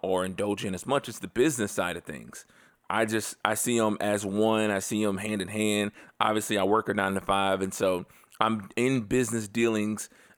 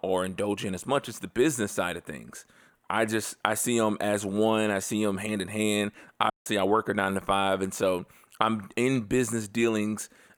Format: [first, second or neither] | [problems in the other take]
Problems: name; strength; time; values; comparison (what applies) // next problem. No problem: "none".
first | audio cutting out; at 6.5 s